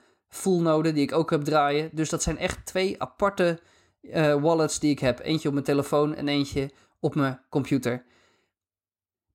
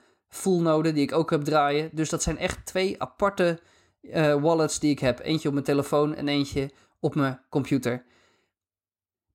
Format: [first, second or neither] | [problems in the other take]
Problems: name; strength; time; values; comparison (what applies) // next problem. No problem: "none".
neither | none